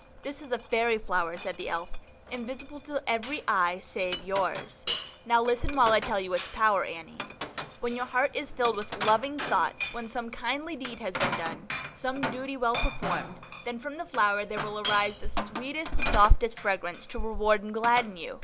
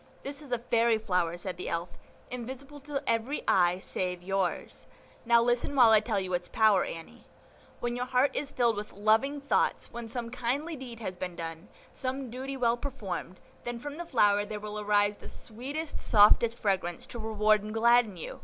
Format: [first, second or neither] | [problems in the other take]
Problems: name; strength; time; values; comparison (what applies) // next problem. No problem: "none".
second | background sound (Glass); 10 dB below the speech